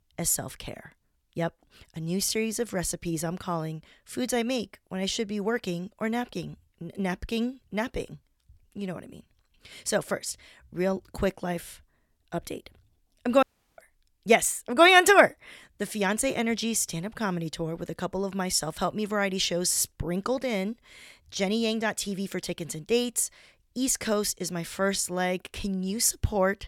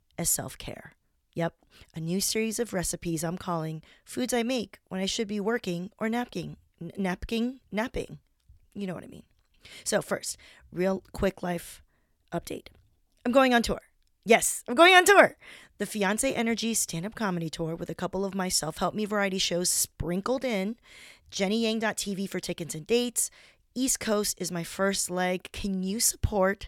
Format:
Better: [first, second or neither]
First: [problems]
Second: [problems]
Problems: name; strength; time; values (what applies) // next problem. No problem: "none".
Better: second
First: audio cutting out; at 13 s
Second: none